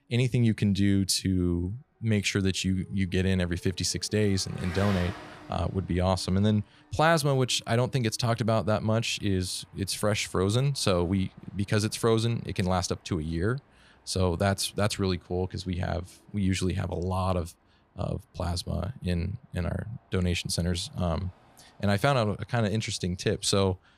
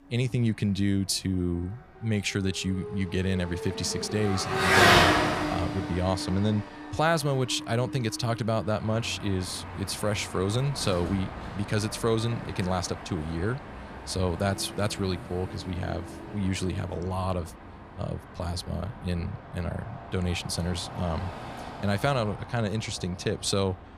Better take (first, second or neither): first